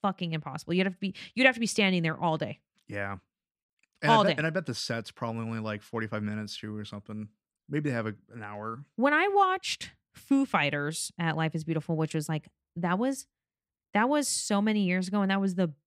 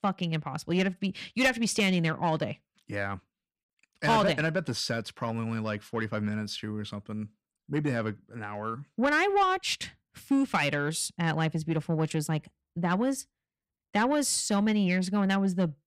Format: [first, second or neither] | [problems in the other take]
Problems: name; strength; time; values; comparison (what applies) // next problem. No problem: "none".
first | distortion; slight; 10 dB below the speech